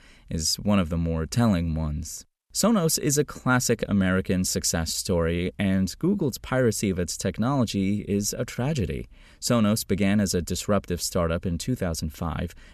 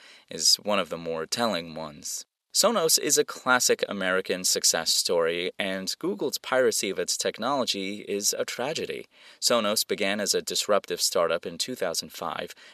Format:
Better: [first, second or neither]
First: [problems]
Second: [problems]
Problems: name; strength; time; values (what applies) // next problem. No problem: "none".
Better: first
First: none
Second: thin; very; fading below 500 Hz